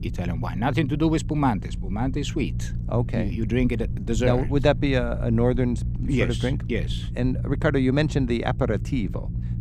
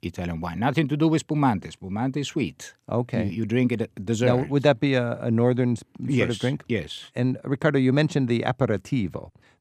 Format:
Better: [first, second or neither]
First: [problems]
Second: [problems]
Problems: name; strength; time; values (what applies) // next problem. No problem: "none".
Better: second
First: low rumble; noticeable; throughout; 15 dB below the speech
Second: none